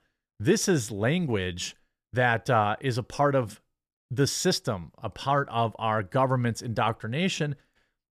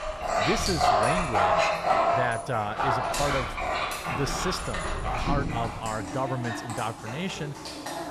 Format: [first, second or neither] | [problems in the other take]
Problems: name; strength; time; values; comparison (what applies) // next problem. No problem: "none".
first | animal sounds; very loud; throughout; 5 dB above the speech